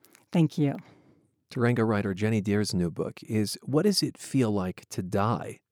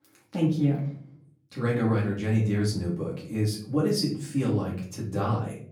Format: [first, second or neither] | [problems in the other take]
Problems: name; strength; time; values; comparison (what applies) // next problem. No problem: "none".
first | off-mic speech; far // room echo; slight; dies away in 0.5 s